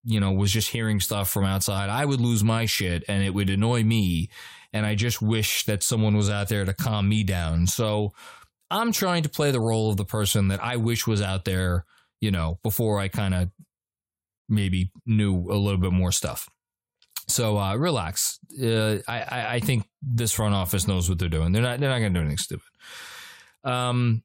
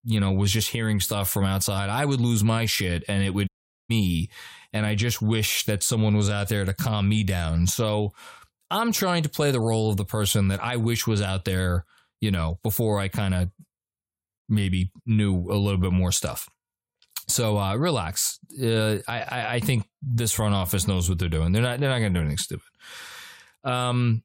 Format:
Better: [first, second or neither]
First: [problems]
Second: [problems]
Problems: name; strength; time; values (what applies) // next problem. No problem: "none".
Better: first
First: none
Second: audio cutting out; at 3.5 s